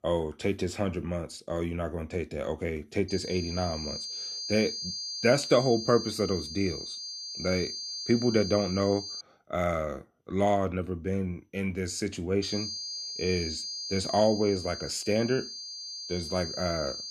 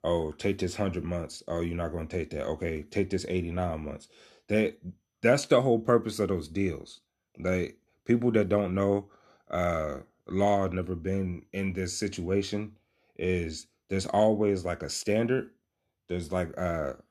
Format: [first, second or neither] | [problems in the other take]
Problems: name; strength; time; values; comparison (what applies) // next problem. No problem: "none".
second | high-pitched whine; loud; from 3 to 9 s and from 12 s on; 4.5 kHz, 6 dB below the speech